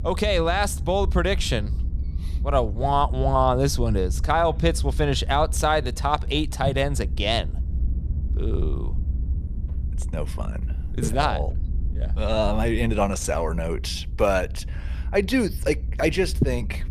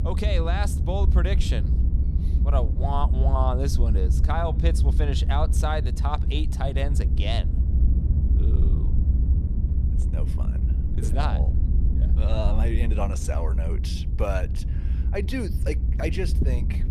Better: first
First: low rumble; faint; throughout; 20 dB below the speech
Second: low rumble; loud; throughout; 9 dB below the speech

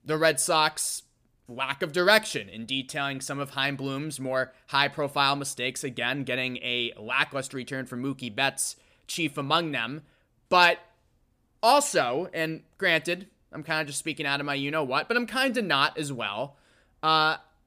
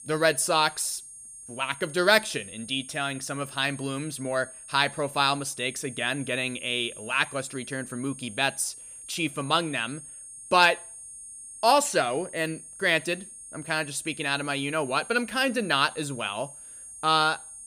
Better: first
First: none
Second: high-pitched whine; noticeable; throughout; 8.5 kHz, 15 dB below the speech

